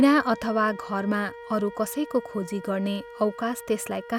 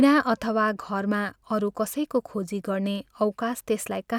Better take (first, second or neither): second